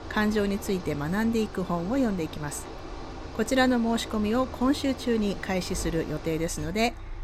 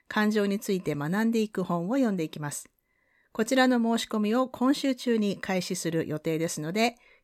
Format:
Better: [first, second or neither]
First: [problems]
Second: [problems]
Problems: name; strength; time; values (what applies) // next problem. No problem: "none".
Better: second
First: traffic noise; noticeable; throughout; 15 dB below the speech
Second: none